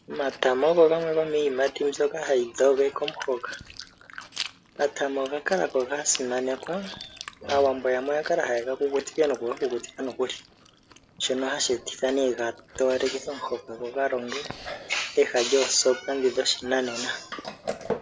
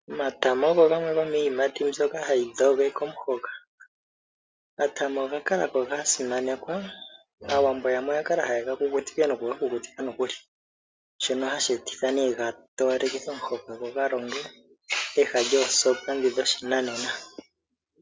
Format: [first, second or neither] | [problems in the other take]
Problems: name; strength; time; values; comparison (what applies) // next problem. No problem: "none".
second | background sound (Chewing, mastication); 16 dB below the speech